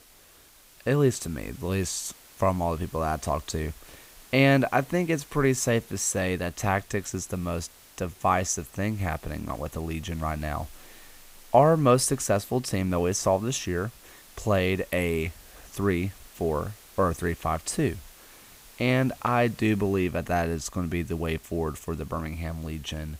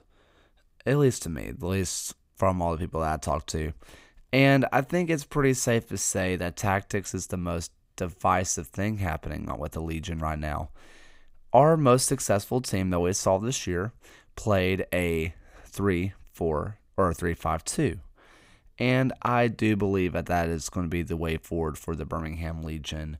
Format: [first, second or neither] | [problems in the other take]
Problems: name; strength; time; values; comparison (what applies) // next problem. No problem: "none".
second | hiss; faint; throughout; 25 dB below the speech